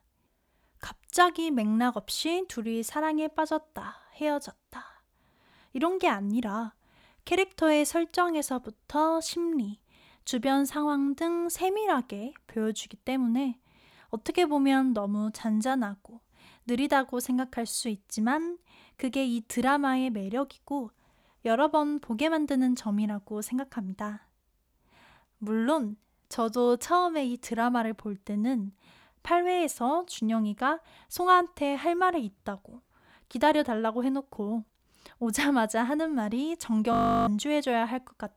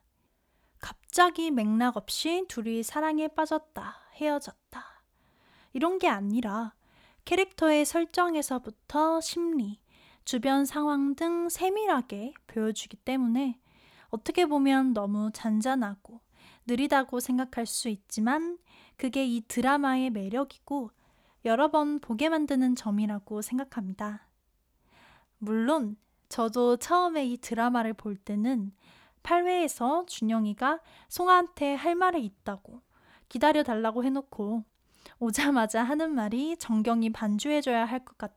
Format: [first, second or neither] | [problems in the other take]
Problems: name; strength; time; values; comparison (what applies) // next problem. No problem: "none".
second | audio freezing; at 37 s